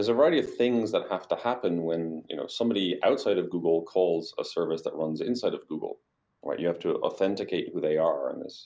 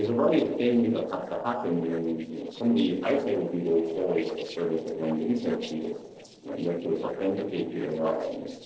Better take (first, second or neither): first